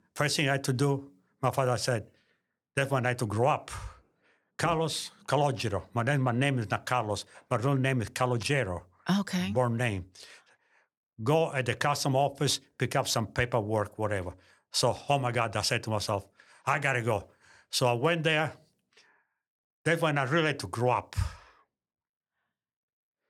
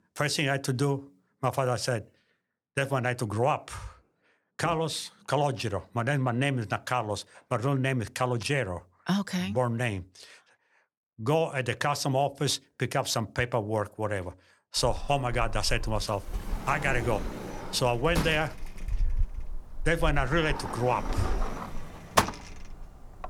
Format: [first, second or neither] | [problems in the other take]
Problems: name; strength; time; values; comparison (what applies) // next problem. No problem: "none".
first | door banging; loud; from 15 s on; peak 3 dB above the speech